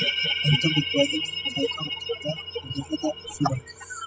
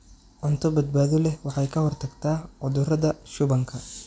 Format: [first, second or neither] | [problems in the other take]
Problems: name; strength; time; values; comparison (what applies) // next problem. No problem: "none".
second | noise reduction (classical method spectral subtraction)